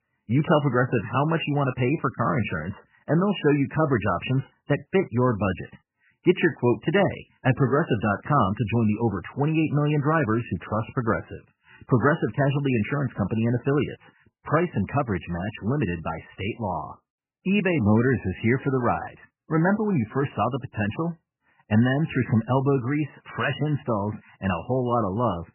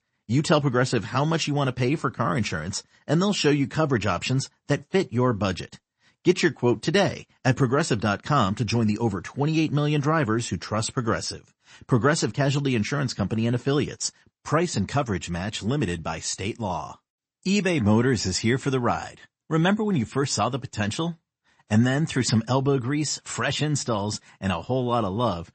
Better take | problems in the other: second | garbled, watery; badly; nothing above 3 kHz; slightly in the second

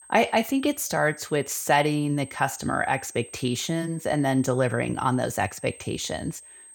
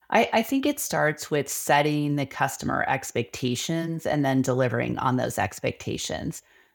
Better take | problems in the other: second | high-pitched whine; noticeable; throughout; 8.5 kHz, 20 dB below the speech

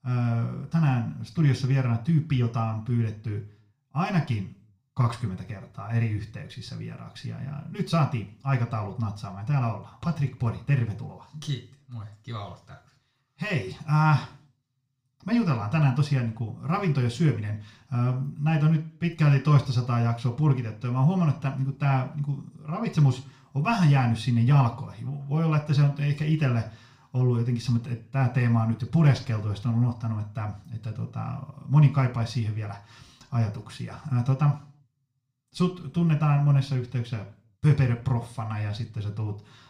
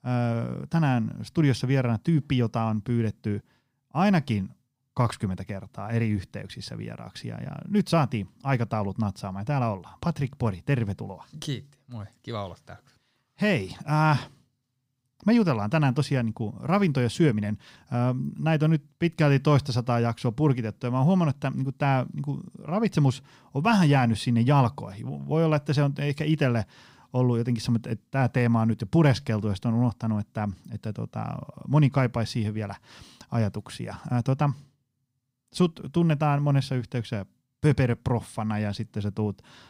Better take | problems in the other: second | room echo; very slight; dies away in 0.3 s // off-mic speech; somewhat distant

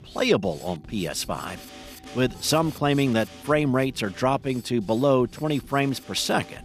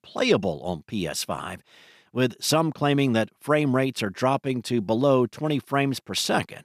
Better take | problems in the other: second | background music; noticeable; throughout; 20 dB below the speech

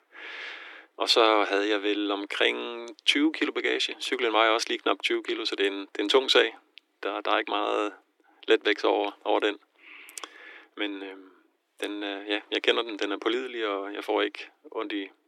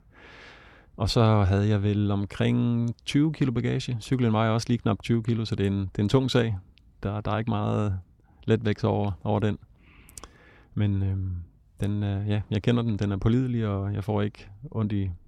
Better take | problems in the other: second | thin; very; fading below 300 Hz

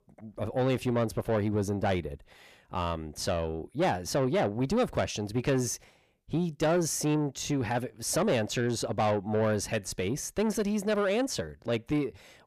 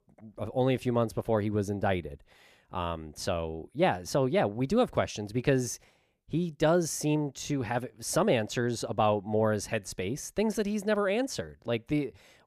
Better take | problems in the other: second | distortion; slight; 10 dB below the speech

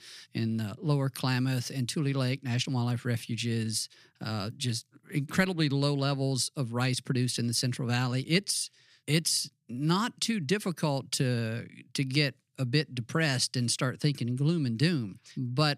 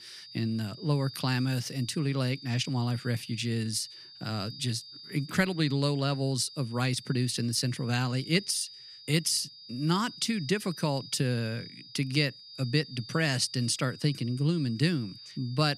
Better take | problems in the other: first | high-pitched whine; noticeable; throughout; 5 kHz, 15 dB below the speech

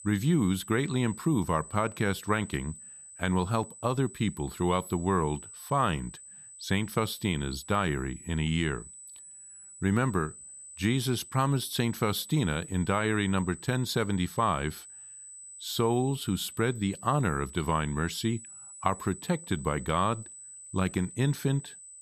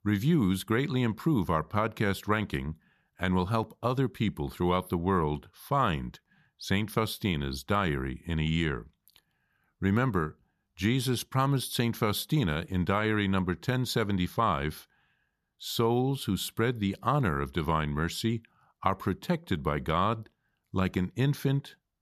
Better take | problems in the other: second | high-pitched whine; noticeable; throughout; 8 kHz, 15 dB below the speech

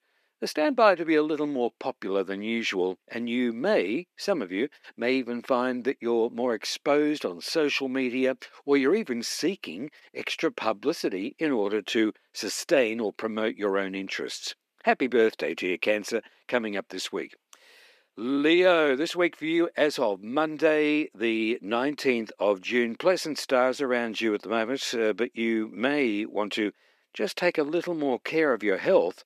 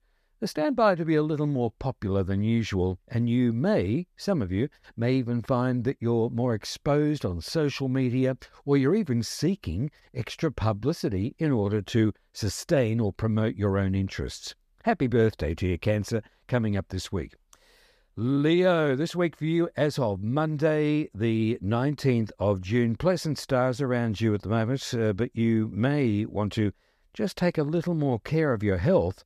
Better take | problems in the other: second | thin; somewhat; fading below 250 Hz

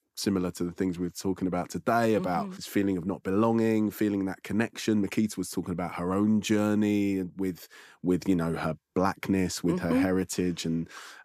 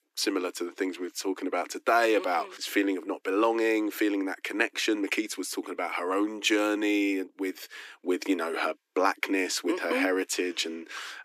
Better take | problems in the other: first | thin; somewhat; fading below 300 Hz

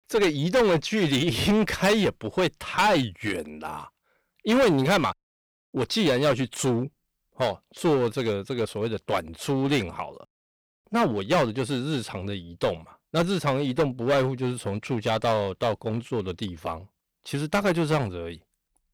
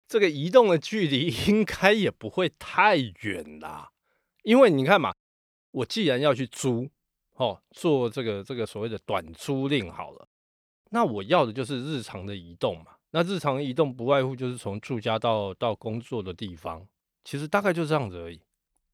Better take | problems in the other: second | distortion; heavy; 8% of the sound clipped

